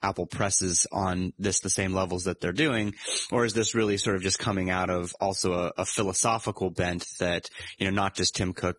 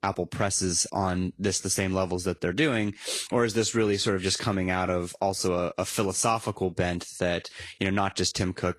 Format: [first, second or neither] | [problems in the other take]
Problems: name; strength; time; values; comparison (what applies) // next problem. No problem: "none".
second | garbled, watery; badly; nothing above 10 kHz; slightly in the second